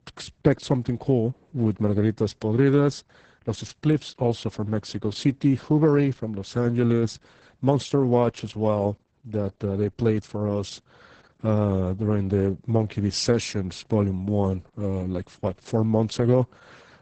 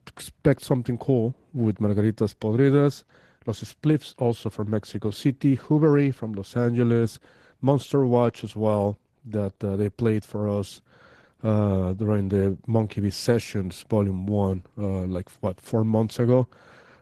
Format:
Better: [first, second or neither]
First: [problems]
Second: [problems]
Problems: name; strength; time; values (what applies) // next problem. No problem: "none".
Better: second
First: garbled, watery; badly; nothing above 8 kHz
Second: garbled, watery; slightly; nothing above 13.5 kHz